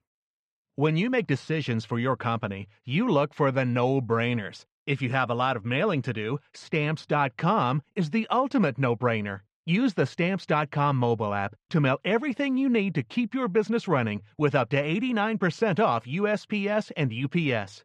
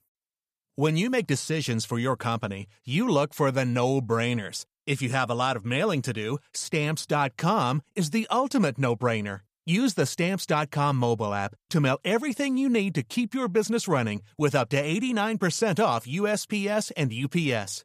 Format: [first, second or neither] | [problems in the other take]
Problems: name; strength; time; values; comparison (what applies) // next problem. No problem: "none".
second | muffled; slightly; fading above 2.5 kHz